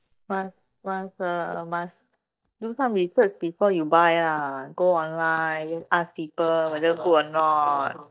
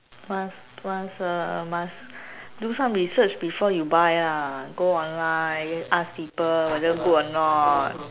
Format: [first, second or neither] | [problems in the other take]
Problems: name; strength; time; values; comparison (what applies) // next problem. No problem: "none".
second | noise reduction (neural mask model DeepFilterNet 3)